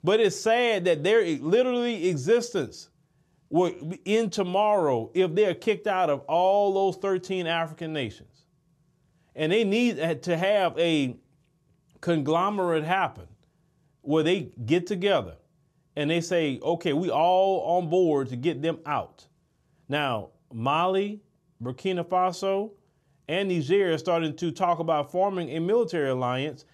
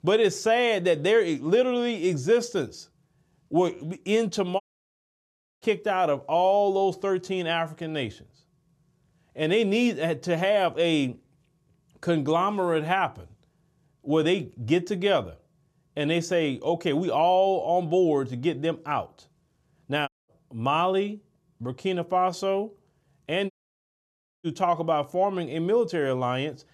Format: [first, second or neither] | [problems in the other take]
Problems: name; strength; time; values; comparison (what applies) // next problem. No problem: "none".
first | audio cutting out; at 4.5 s for 1 s, at 20 s and at 24 s for 1 s